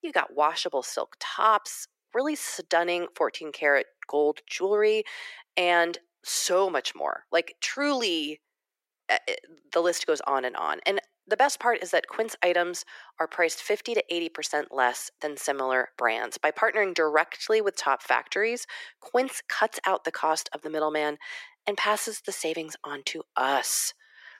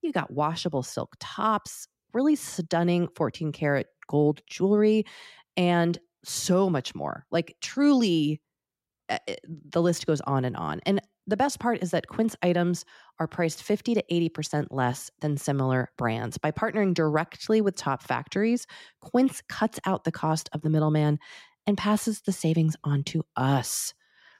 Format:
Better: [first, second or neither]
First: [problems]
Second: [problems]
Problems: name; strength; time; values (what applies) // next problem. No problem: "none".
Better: second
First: thin; very; fading below 400 Hz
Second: none